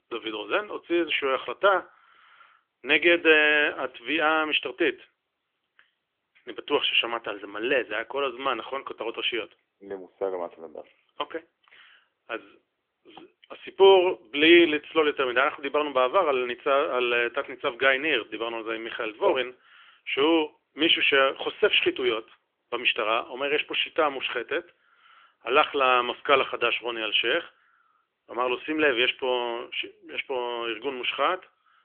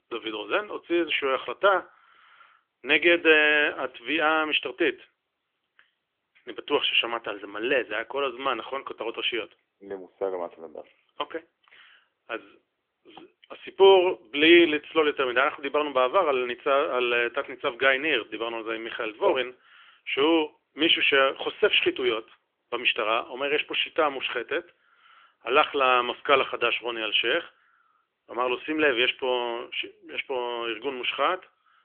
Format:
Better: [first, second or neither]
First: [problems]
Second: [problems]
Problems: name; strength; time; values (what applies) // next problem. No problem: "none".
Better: neither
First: phone-call audio; nothing above 3.5 kHz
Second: phone-call audio; nothing above 3.5 kHz